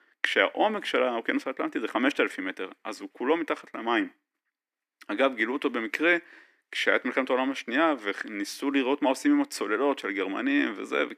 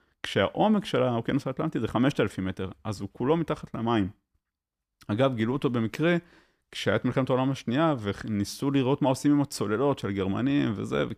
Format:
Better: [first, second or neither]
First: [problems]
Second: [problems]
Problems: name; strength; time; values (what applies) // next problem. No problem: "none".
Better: second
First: thin; very slightly; fading below 250 Hz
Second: none